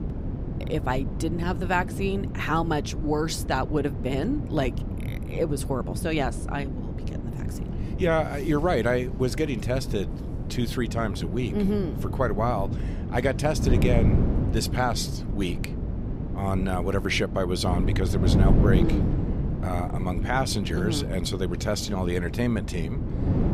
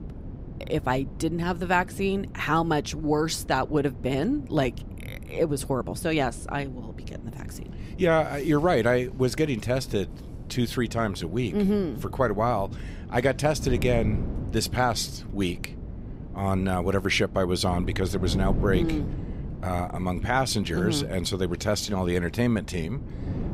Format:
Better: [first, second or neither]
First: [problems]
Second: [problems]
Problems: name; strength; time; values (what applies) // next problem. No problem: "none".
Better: second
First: wind noise on the microphone; heavy; 9 dB below the speech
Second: wind noise on the microphone; occasional gusts; 20 dB below the speech